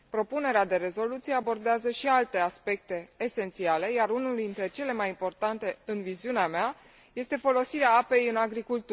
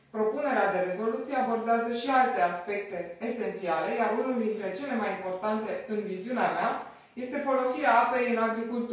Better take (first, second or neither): first